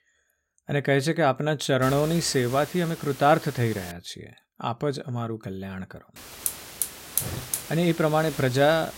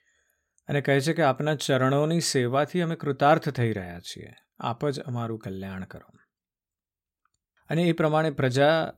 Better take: second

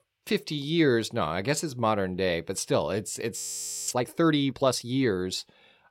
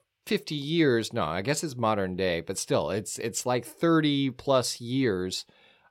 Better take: second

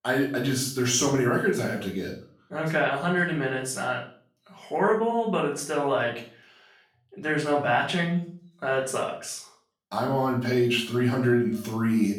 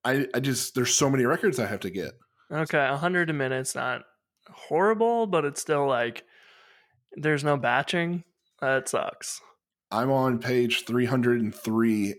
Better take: second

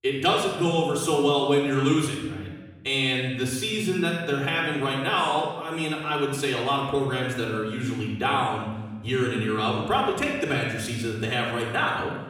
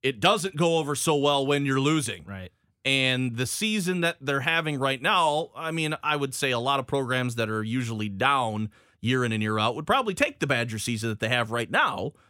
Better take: second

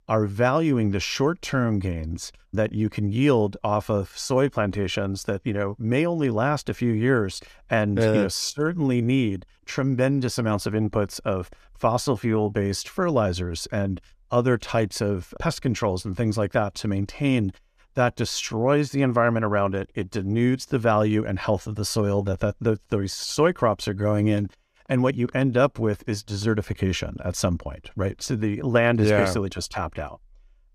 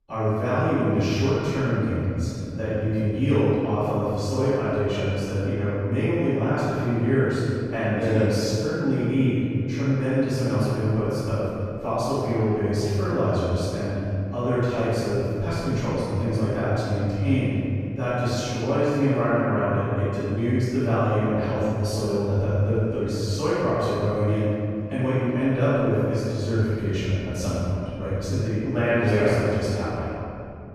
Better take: first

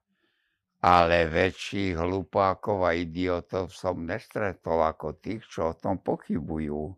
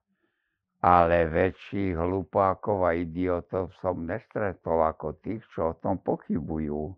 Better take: first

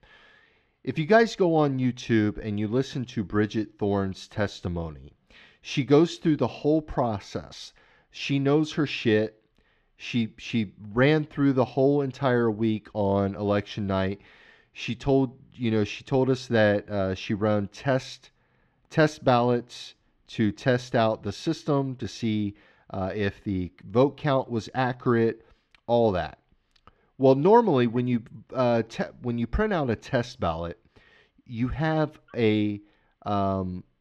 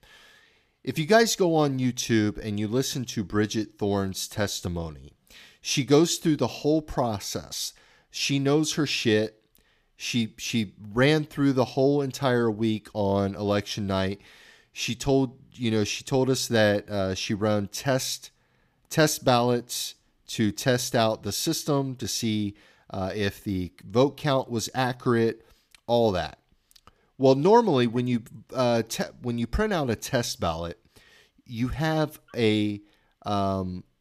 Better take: second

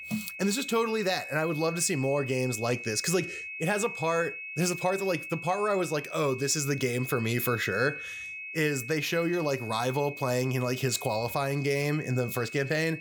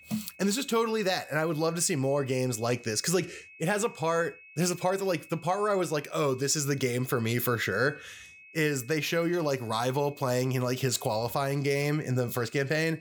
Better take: second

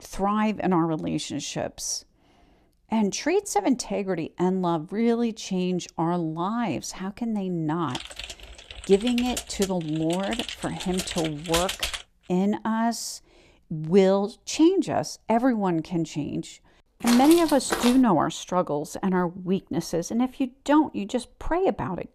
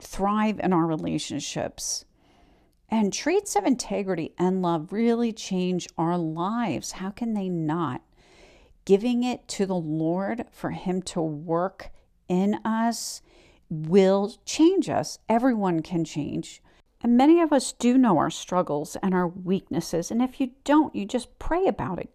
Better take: second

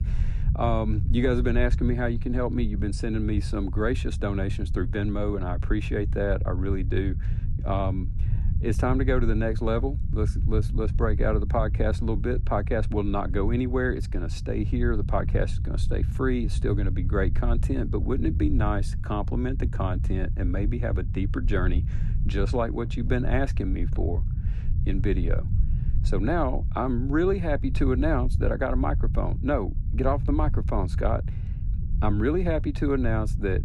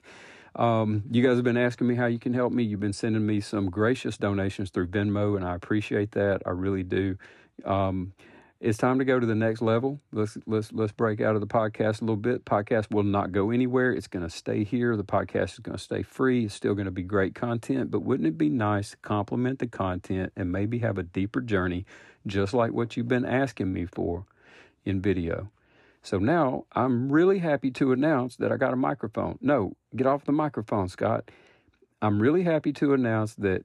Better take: second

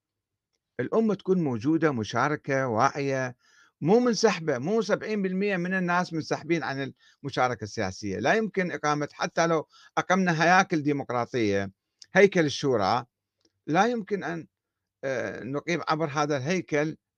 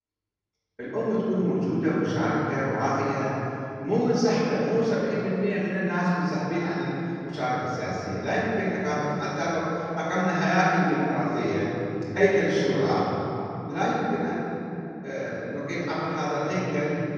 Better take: first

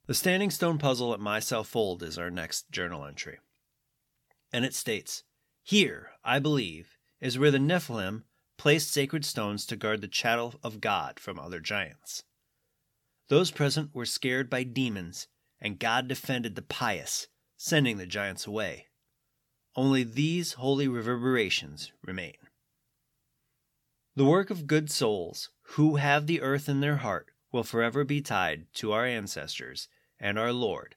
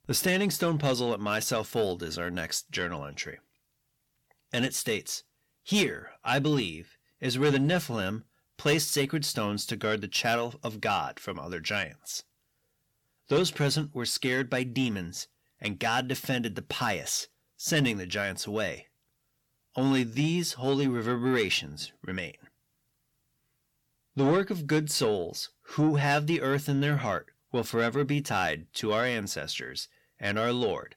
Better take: first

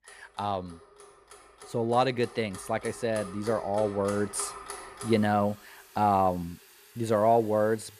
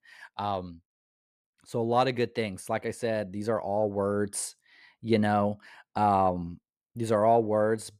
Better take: second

